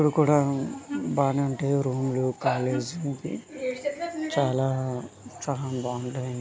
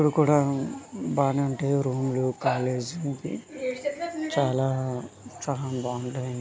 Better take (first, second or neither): second